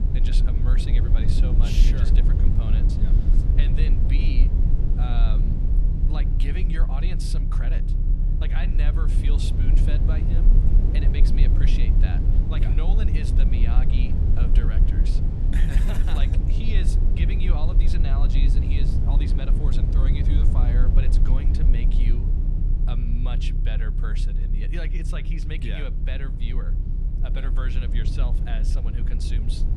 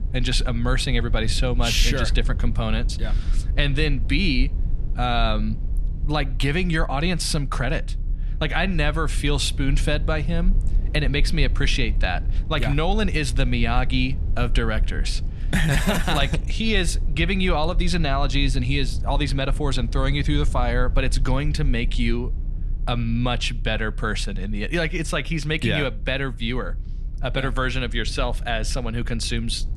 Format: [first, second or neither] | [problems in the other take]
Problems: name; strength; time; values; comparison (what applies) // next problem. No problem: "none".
second | low rumble; loud; throughout; 1 dB below the speech; faint in the second